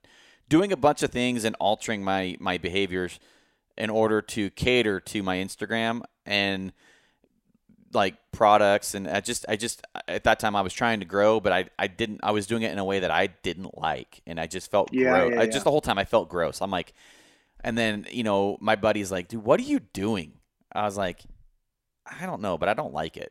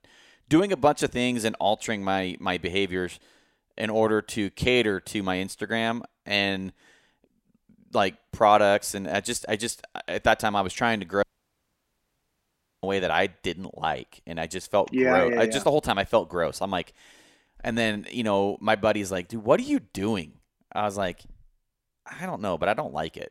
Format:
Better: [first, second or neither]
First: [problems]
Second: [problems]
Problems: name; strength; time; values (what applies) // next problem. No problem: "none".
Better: first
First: none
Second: audio cutting out; at 11 s for 1.5 s